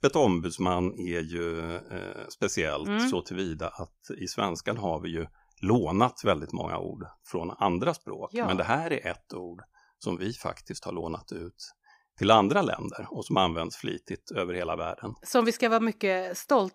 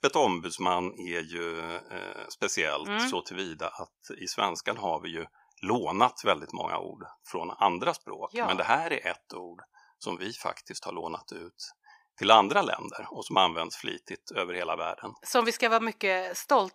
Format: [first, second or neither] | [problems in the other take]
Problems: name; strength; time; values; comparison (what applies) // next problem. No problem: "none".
first | thin; somewhat; fading below 550 Hz